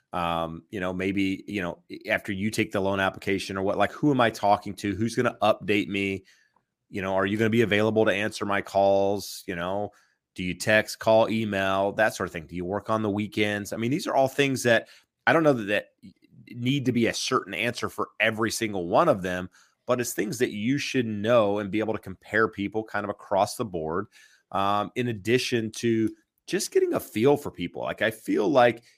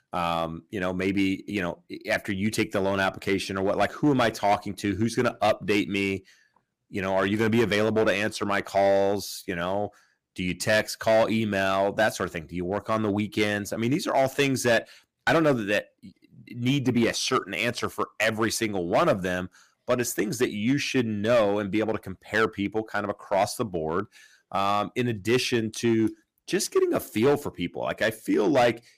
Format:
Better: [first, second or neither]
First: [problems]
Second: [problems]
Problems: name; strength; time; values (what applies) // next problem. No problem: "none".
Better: first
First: none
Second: distortion; slight; 4% of the sound clipped